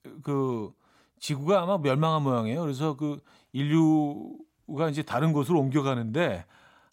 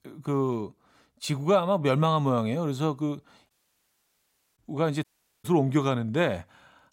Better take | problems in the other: first | audio cutting out; at 3.5 s for 1 s and at 5 s

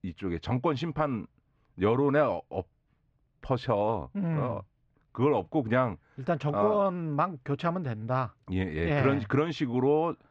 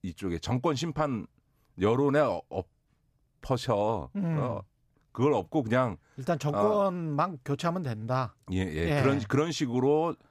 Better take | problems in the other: second | muffled; slightly; fading above 2.5 kHz

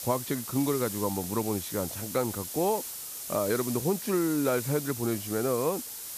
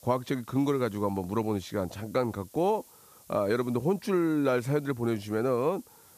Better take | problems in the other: second | hiss; loud; throughout; 6 dB below the speech; faint in the second

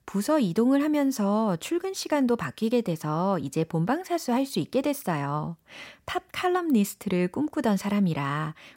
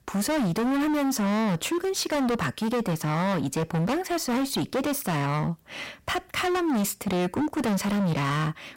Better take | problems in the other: first | distortion; heavy; 34% of the sound clipped

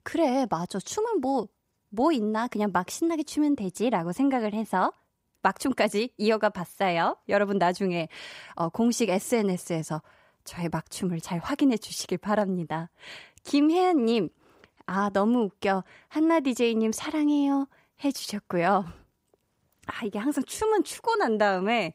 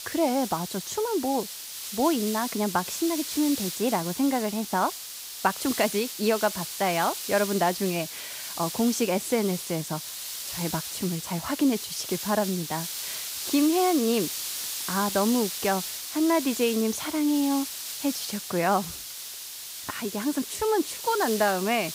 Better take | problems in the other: first | hiss; loud; throughout; 6 dB below the speech

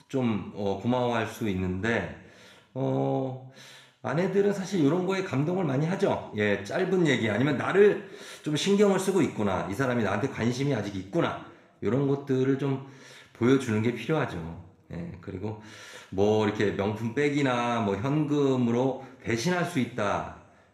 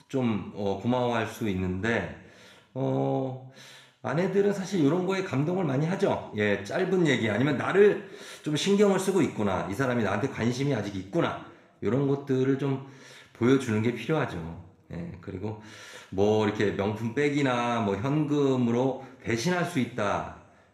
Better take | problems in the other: neither | room echo; slight; dies away in 0.7 s; the same in both

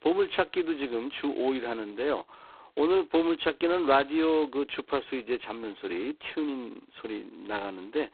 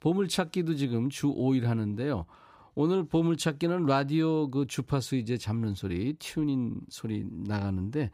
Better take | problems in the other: second | phone-call audio; poor line; nothing above 4 kHz

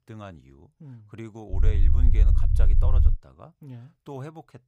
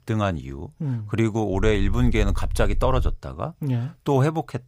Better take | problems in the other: second | low rumble; loud; from 1.5 to 3 s; as loud as the speech; faint in the second

